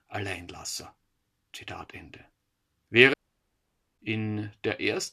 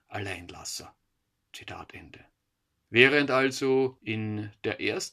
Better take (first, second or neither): second